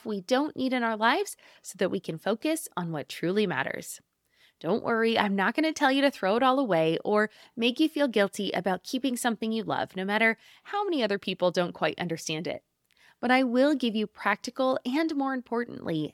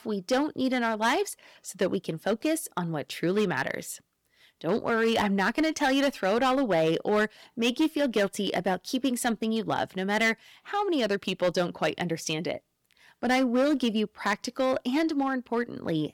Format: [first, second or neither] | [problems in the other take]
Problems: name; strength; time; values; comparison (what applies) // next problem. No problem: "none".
first | distortion; slight; 6% of the sound clipped